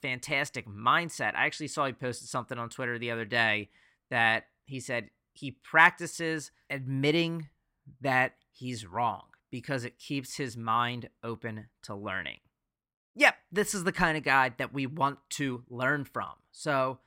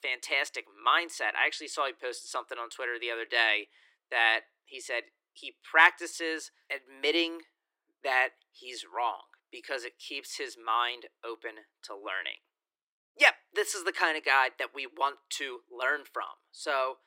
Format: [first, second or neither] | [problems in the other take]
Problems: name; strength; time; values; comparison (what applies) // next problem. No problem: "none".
first | thin; very; fading below 350 Hz